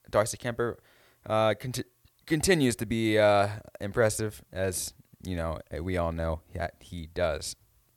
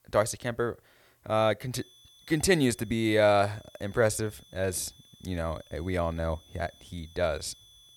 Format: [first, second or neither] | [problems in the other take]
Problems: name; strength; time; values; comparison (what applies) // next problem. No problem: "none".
first | high-pitched whine; faint; from 1.5 s on; 3.5 kHz, 25 dB below the speech